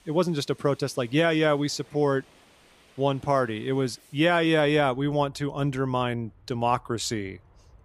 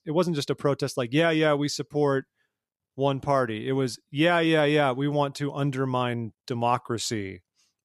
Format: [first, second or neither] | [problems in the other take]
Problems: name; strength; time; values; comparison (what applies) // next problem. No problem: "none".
second | train or aircraft noise; faint; throughout; 30 dB below the speech